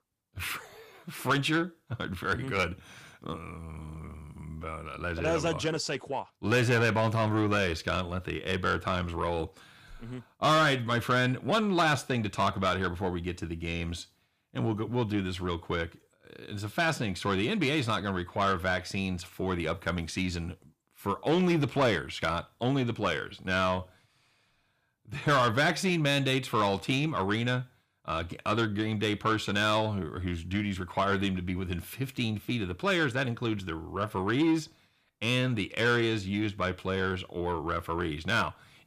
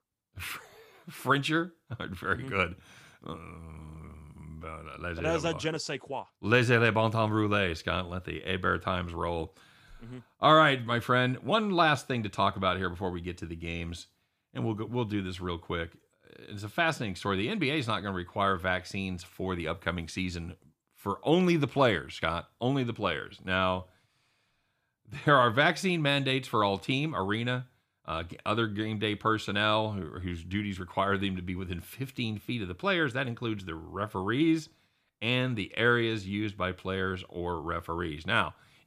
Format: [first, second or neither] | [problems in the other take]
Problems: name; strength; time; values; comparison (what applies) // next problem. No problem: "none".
second | distortion; slight; 10 dB below the speech